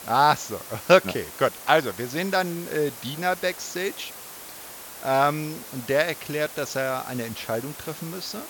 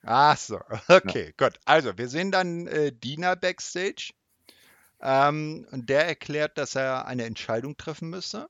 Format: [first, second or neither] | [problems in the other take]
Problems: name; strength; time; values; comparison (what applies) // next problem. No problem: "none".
second | hiss; noticeable; throughout; 15 dB below the speech